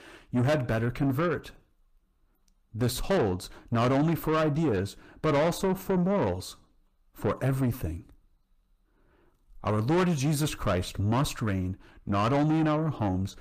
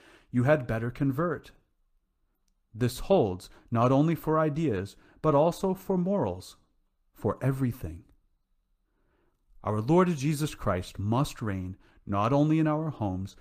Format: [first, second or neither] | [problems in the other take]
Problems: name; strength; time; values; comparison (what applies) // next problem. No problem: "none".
second | distortion; heavy; 8 dB below the speech